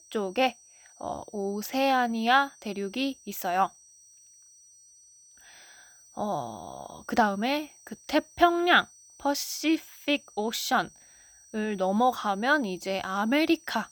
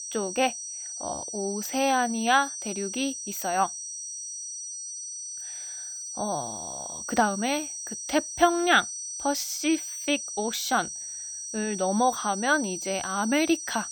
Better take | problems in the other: first | high-pitched whine; loud; throughout; 6 kHz, 7 dB below the speech; faint in the first

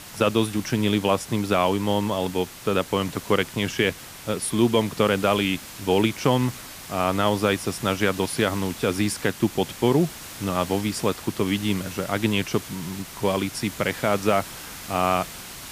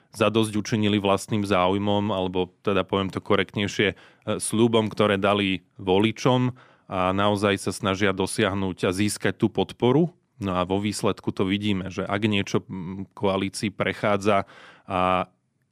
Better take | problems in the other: second | hiss; noticeable; throughout; 15 dB below the speech

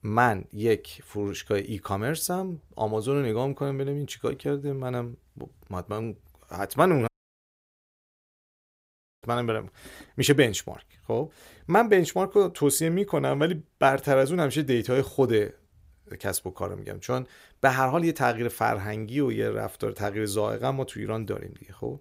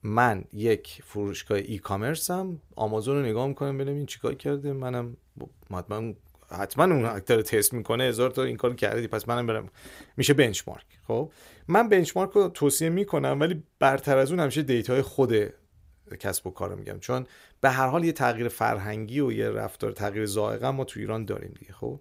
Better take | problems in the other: second | audio cutting out; at 7 s for 2 s

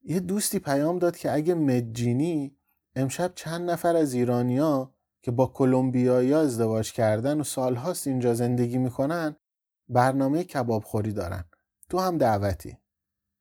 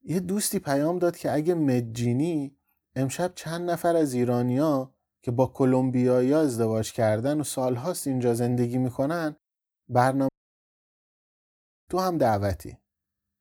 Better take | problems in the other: first | audio cutting out; at 10 s for 1.5 s

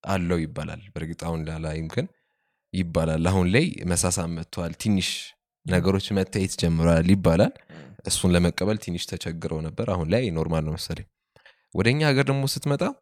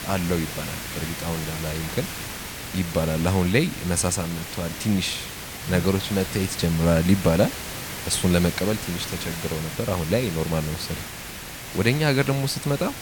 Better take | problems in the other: first | hiss; loud; throughout; 8 dB below the speech

